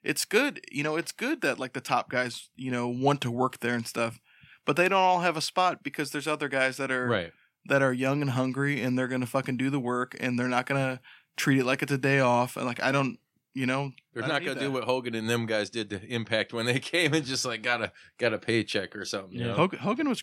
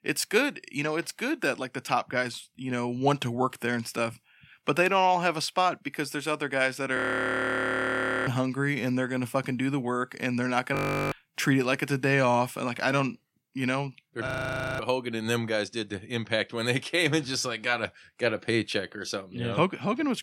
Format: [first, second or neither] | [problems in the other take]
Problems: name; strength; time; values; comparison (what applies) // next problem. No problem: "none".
first | audio freezing; at 7 s for 1.5 s, at 11 s and at 14 s for 0.5 s